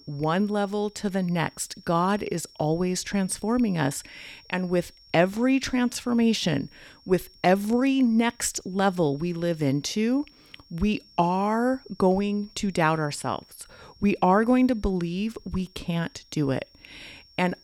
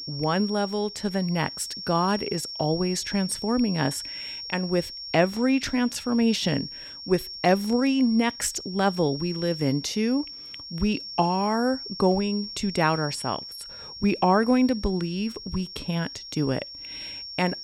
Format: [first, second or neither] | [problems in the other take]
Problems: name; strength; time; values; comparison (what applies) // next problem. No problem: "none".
first | high-pitched whine; loud; throughout; 5.5 kHz, 10 dB below the speech; faint in the first